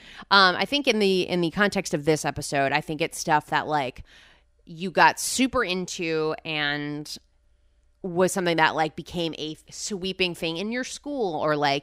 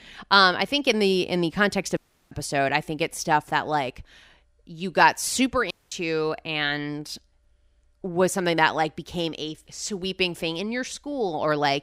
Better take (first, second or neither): first